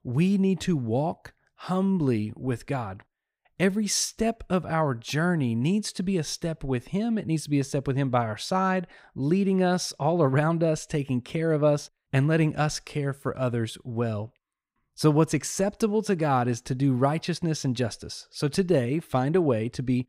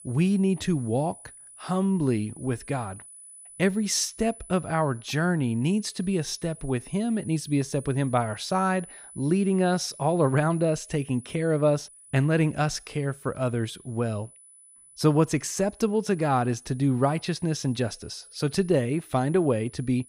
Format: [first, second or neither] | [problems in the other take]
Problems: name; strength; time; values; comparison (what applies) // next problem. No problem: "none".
first | high-pitched whine; noticeable; throughout; 10 kHz, 20 dB below the speech